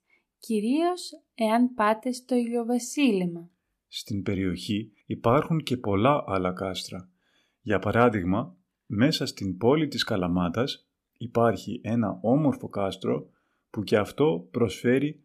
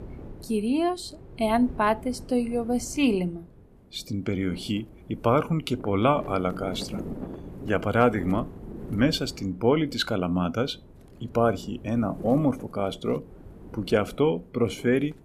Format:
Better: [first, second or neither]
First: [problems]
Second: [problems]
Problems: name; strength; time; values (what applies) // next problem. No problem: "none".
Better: first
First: none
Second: wind noise on the microphone; occasional gusts; 20 dB below the speech